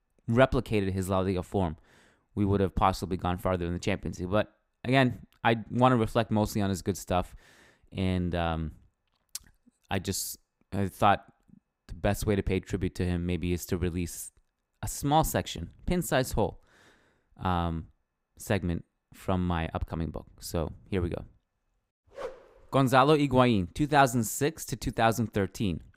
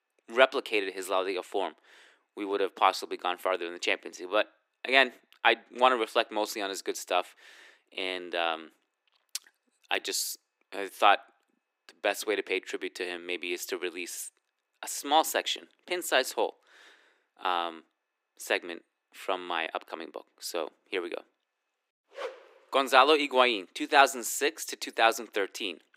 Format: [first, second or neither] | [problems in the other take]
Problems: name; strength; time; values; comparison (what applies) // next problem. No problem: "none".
first | thin; very; fading below 300 Hz